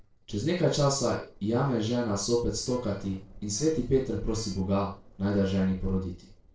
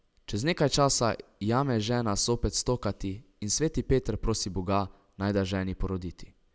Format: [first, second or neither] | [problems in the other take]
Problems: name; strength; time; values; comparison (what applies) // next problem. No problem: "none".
second | noise reduction (neural separator model SepFormer DNS4)